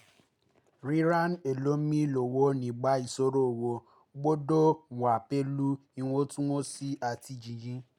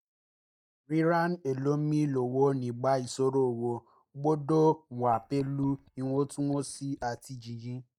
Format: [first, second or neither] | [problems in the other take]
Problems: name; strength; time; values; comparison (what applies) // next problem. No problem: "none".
first | noise reduction (neural mask model DeepFilterNet 3)